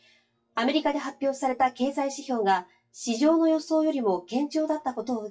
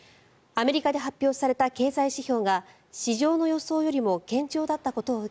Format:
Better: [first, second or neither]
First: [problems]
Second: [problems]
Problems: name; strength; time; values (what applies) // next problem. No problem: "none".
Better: second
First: noise reduction (classical method WPE with log-MMSE)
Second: none